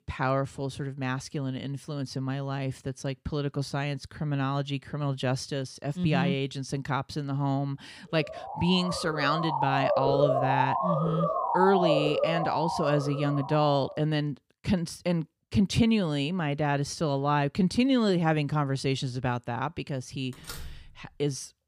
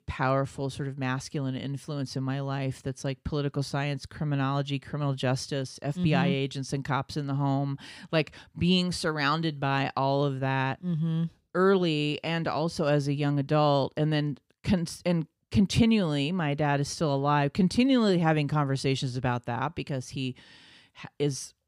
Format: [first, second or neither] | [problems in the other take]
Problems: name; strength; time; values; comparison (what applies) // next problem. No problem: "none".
second | siren; loud; from 8 to 14 s; peak 3 dB above the speech // door banging; faint; at 20 s; peak 15 dB below the speech